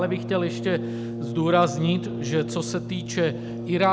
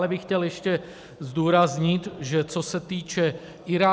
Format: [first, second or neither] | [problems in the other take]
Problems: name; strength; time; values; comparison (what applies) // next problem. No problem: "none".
second | background sound (Brass instrument); 7 dB below the speech